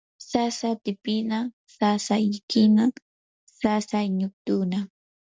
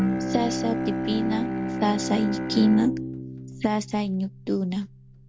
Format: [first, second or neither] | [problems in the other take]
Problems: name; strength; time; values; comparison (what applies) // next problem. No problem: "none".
first | background sound (Bowed string instrument); 3 dB below the speech